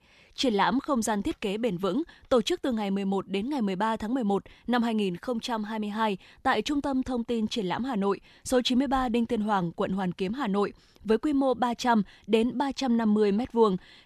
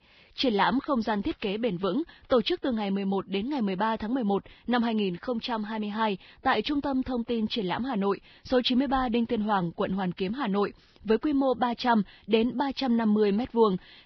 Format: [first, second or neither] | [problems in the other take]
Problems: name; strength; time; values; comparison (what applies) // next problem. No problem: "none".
first | garbled, watery; badly; nothing above 5 kHz